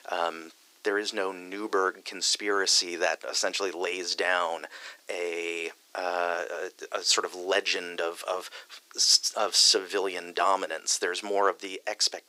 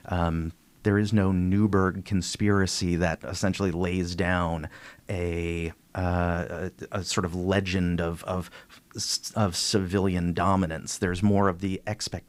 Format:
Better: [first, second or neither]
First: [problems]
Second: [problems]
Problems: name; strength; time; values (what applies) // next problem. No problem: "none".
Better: second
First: thin; very; fading below 400 Hz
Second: none